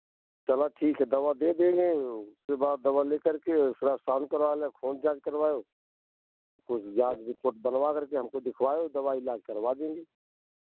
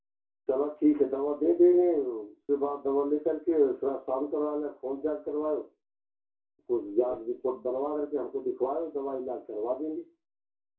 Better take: first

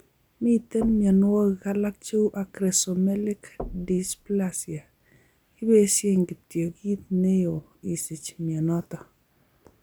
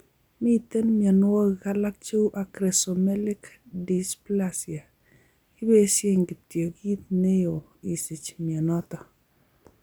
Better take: second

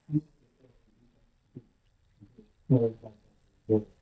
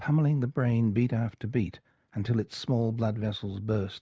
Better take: second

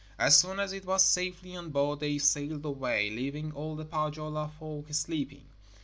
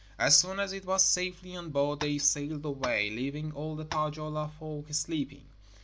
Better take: first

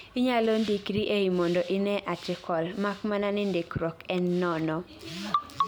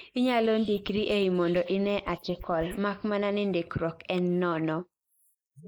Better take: first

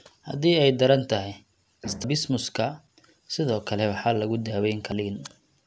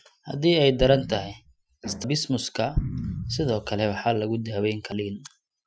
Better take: first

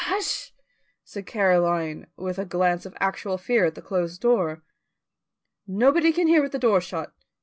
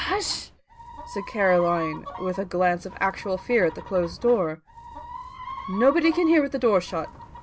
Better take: first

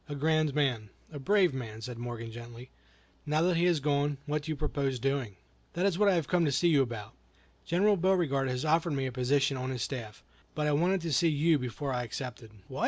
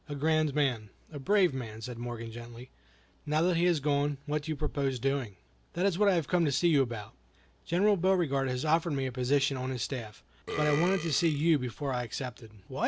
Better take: first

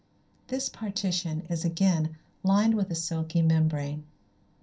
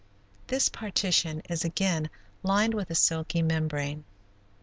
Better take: second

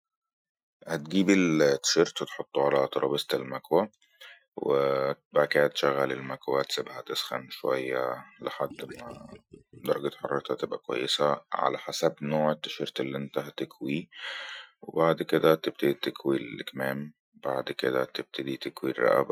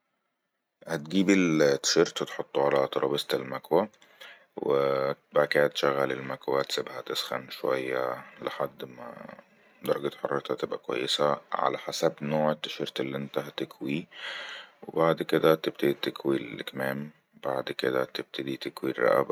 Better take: second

